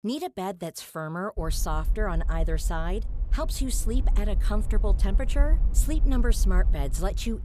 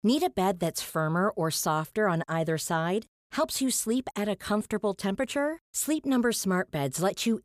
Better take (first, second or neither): second